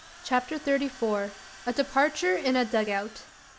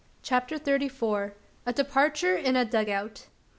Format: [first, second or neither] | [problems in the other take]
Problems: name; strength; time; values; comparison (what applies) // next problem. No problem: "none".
second | background sound (Drill); 19 dB below the speech